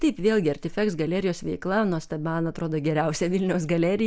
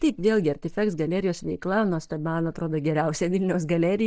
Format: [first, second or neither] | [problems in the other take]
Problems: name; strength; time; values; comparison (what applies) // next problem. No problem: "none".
first | noise reduction (neural mask model DeepFilterNet 3)